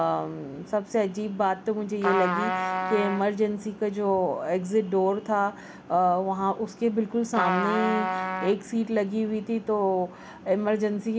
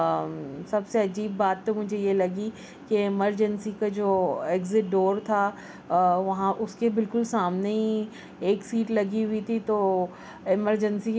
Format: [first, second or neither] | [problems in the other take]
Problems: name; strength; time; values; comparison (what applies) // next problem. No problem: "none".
second | background sound (Trumpet); 3 dB below the speech